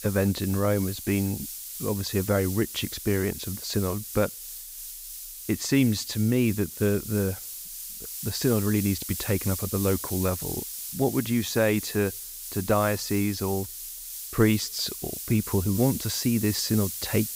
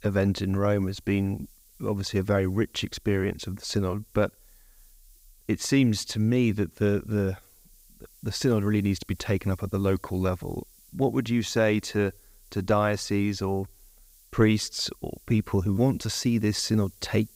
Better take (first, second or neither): second